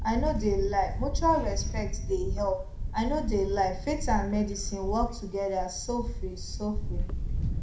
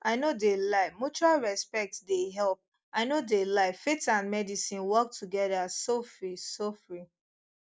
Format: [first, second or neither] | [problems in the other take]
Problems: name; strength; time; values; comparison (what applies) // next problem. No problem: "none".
second | background sound (Camera); 1 dB below the speech // room echo; dies away in 0.4 s